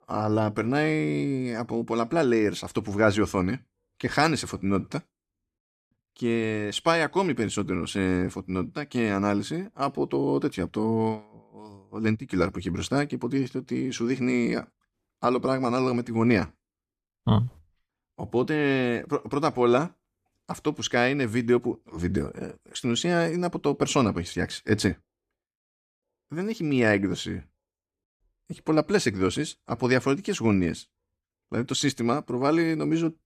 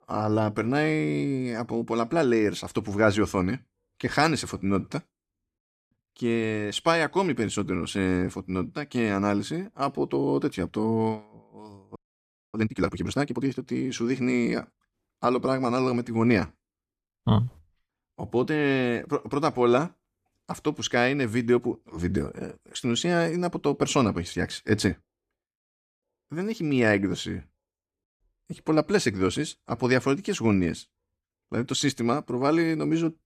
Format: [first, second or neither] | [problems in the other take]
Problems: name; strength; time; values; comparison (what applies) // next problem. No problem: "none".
first | audio freezing; at 12 s for 0.5 s